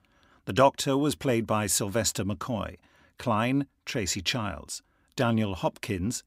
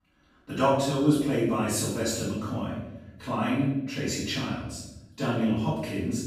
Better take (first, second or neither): first